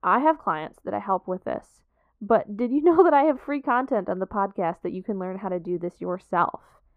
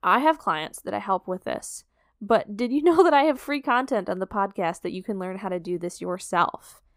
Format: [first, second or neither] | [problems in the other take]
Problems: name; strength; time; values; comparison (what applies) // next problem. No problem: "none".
second | muffled; very; fading above 3 kHz